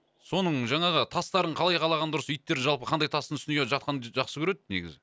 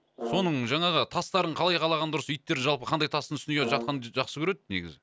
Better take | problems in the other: first | background sound (Brass instrument); 10 dB below the speech

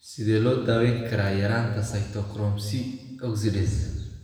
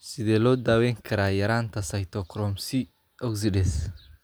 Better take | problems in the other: second | room echo; dies away in 1.2 s

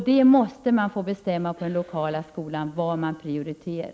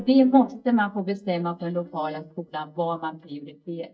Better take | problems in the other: first | noise reduction (neural mask model DeepFilterNet 3)

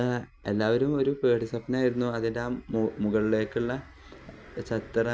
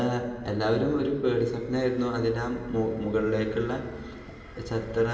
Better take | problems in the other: first | room echo; dies away in 2.4 s

